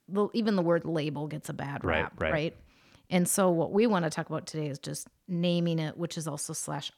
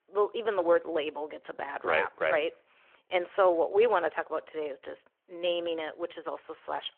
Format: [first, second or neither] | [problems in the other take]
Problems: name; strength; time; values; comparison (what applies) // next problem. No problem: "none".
first | phone-call audio